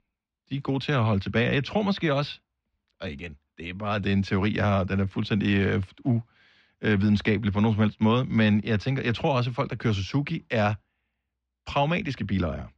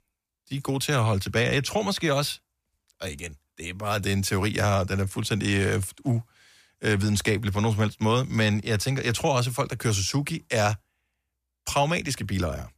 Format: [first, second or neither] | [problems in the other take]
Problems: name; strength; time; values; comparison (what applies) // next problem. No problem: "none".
second | muffled; slightly; fading above 4 kHz